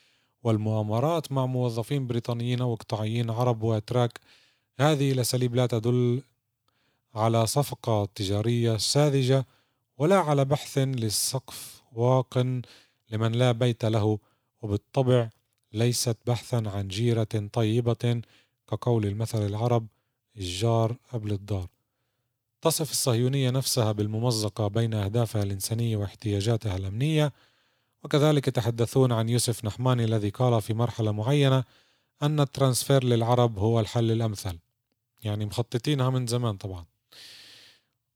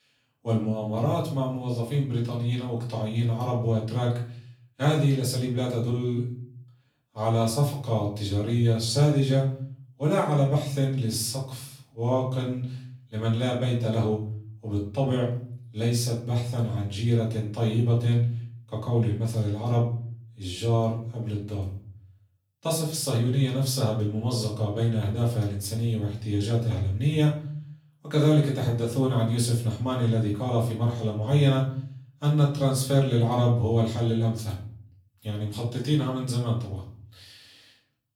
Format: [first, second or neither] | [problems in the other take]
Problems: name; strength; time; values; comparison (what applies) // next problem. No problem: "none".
first | off-mic speech; far // room echo; slight; dies away in 0.5 s